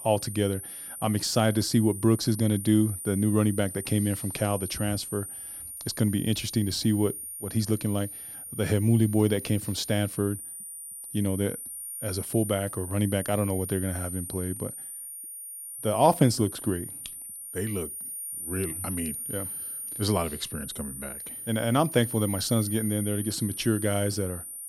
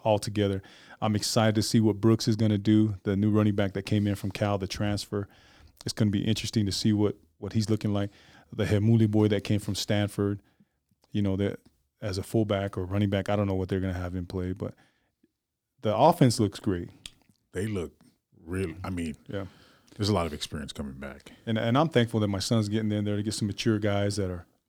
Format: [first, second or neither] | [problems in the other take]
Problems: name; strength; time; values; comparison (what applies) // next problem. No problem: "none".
second | high-pitched whine; loud; throughout; 9.5 kHz, 8 dB below the speech